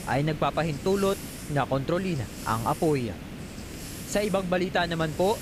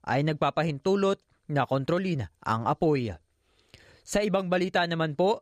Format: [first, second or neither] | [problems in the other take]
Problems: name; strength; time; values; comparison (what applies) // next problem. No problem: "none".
second | hiss; noticeable; throughout; 10 dB below the speech